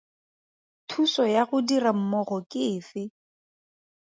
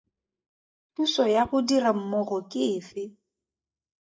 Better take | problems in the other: first | noise reduction (neural mask model DeepFilterNet 3)

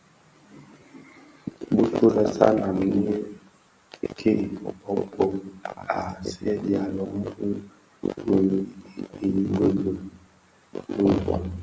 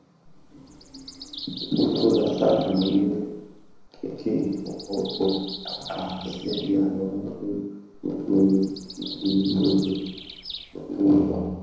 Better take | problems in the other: first | background sound (Bird vocalization, bird call, bird song); 15 dB below the speech // room echo; dies away in 1 s

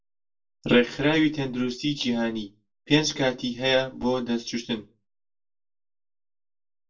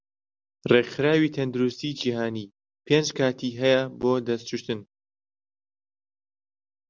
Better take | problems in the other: second | room echo; dies away in 0.2 s

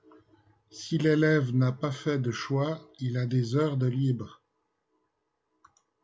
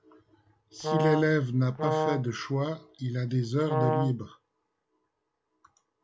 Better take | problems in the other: first | background sound (Brass instrument); as loud as the speech

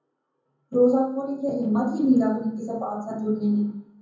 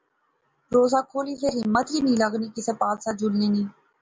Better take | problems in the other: second | room echo; dies away in 0.7 s

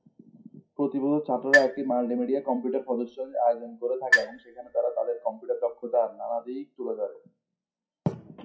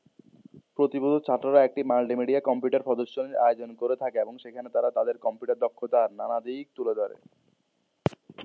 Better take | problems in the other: second | noise reduction (classical method WPE with log-MMSE)

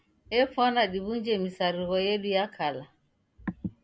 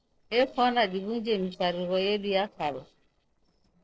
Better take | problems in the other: first | noise reduction (neural separator model SepFormer DNS4)

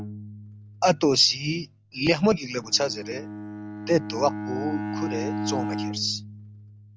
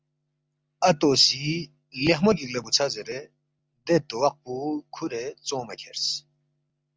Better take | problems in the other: second | background sound (Bowed string instrument); 7 dB below the speech

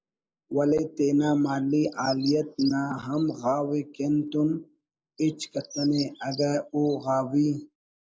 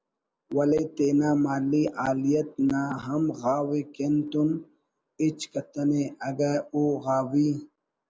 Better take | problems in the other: second | noise reduction (neural mask model Resemble Enhance denoiser)

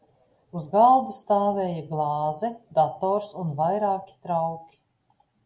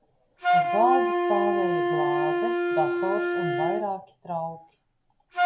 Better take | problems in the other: first | background sound (Wind instrument, woodwind instrument); 4 dB above the speech

